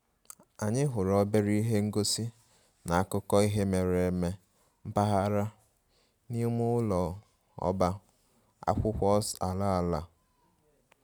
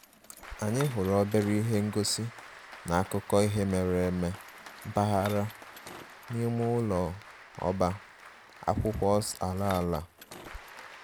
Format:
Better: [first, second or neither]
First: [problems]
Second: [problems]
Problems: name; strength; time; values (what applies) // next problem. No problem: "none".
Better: first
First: none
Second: background sound (Applause + Bicycle); 16 dB below the speech